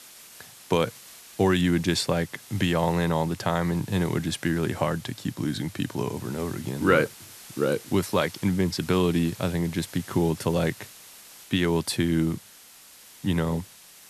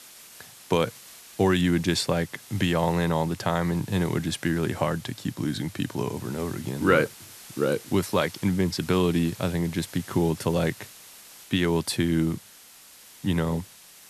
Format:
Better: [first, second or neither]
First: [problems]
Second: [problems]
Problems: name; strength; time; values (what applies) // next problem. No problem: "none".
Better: neither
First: hiss; noticeable; throughout; 20 dB below the speech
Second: hiss; noticeable; throughout; 20 dB below the speech